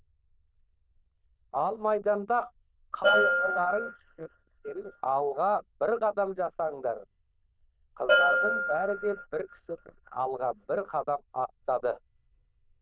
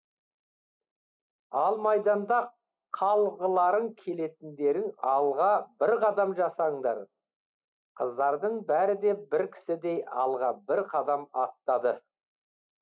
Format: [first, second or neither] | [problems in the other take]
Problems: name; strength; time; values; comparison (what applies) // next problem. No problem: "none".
second | noise reduction (neural diffusion model UNIVERSE++)